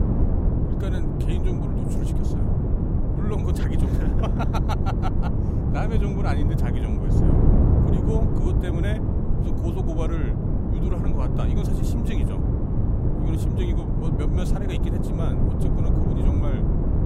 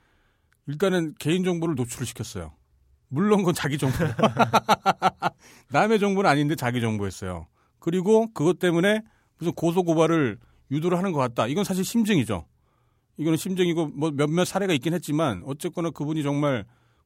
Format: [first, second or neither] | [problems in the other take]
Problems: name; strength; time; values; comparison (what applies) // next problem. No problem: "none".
second | wind noise on the microphone; heavy; 3 dB above the speech